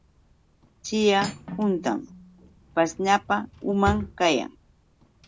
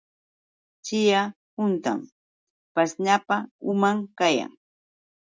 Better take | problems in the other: second | background sound (Cutlery, silverware + Drawer open or close); 13 dB below the speech

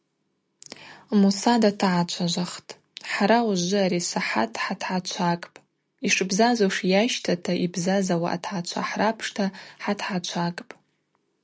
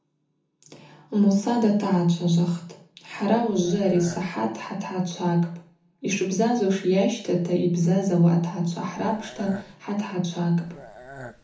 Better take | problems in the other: first | background sound (Burping, eructation); 18 dB below the speech // room echo; dies away in 0.6 s

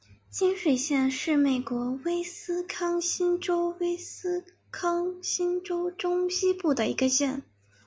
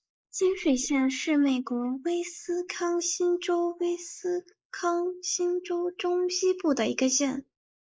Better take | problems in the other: first | noise reduction (neural mask model Resemble Enhance denoiser)

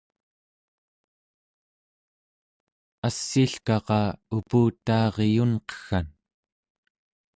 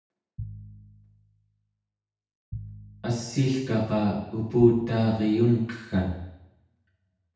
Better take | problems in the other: first | background sound (Piano); 17 dB below the speech // room echo; dies away in 0.8 s

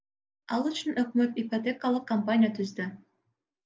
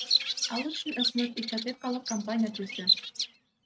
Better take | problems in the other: first | noise reduction (neural mask model RNNoise)

